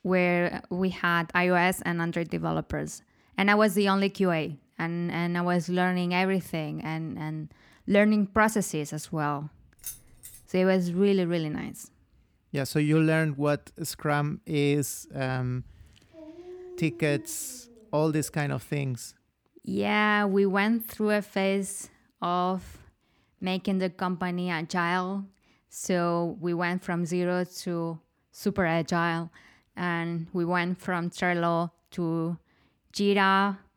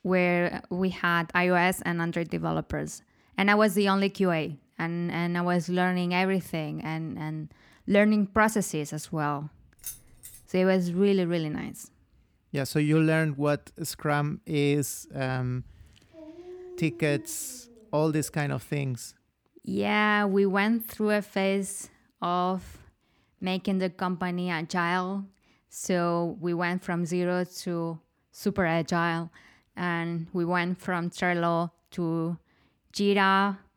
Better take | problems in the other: neither | jangling keys; faint; at 10 s; peak 10 dB below the speech; the same in both // dog barking; faint; from 16 to 18 s; peak 10 dB below the speech; the same in both

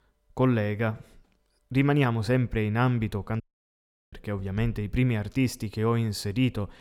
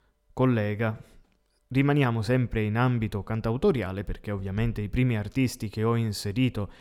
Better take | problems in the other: second | audio cutting out; at 3.5 s for 0.5 s

